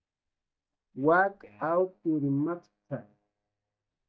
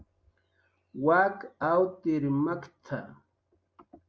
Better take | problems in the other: second | noise reduction (neural mask model DeepFilterNet 3)

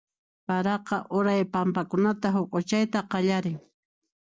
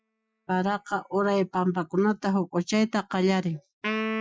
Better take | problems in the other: first | noise reduction (classical method Wiener filter)

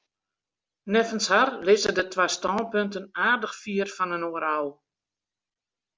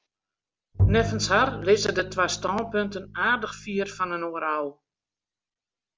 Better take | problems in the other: first | background sound (Bowed string instrument); 3 dB below the speech

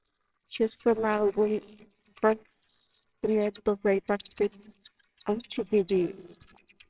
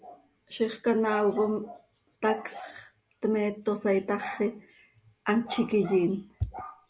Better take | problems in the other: second | noise reduction (neural separator model SepFormer WHAMR!)

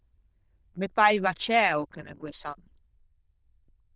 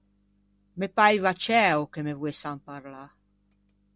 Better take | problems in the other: second | noise reduction (neural diffusion model UNIVERSE++)

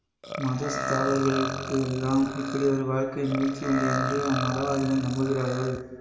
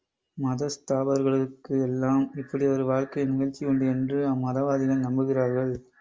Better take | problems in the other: second | background sound (Burping, eructation); 7 dB below the speech // room echo; dies away in 1.6 s

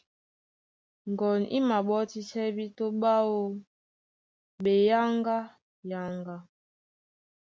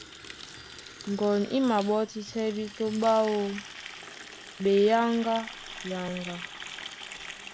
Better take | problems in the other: first | background sound (Water tap, faucet + Clock); 14 dB below the speech

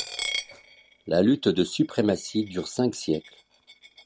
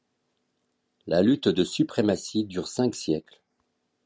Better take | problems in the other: second | background sound (Coin (dropping)); 13 dB below the speech

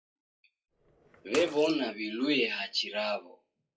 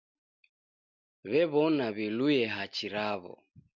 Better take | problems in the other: second | noise reduction (classical method WPE with log-MMSE)

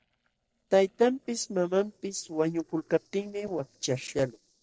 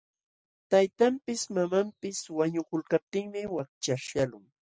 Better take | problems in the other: second | noise reduction (neural separator model SepFormer DNS4)

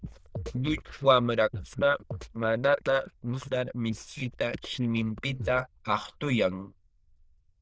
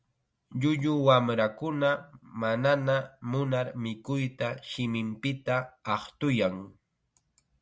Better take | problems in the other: second | noise reduction (neural diffusion model UNIVERSE++)

